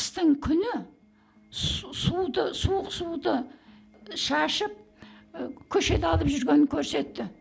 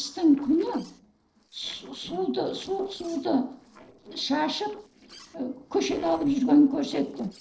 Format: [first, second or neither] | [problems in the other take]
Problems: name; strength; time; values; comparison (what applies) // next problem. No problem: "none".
first | noise reduction (neural separator model SepFormer DNS4)